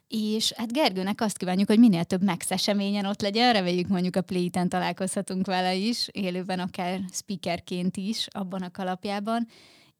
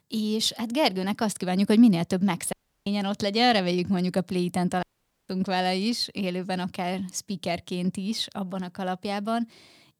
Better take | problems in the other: first | audio cutting out; at 2.5 s and at 5 s

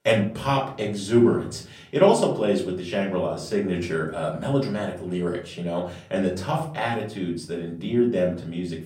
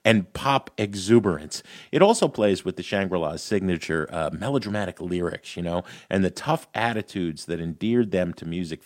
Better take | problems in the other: second | off-mic speech; far // room echo; slight; dies away in 0.5 s

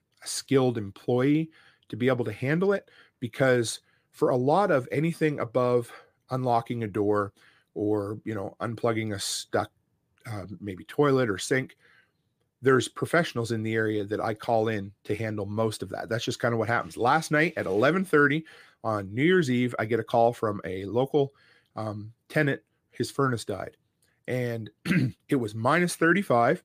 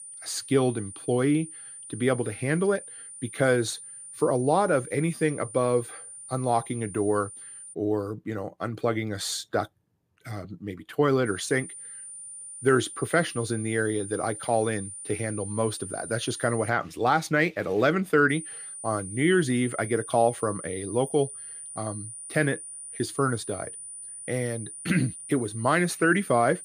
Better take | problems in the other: first | high-pitched whine; noticeable; until 7.5 s, from 11 to 17 s and from 18 s on; 9 kHz, 10 dB below the speech

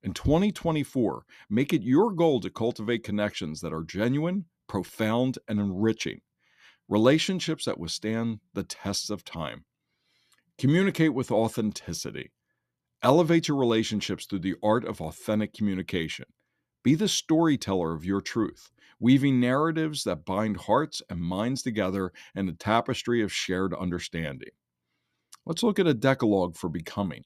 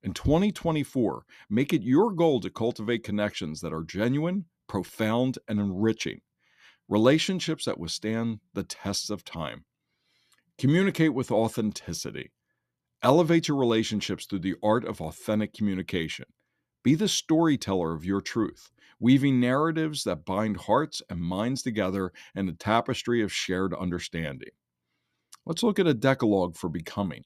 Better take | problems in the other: neither | none

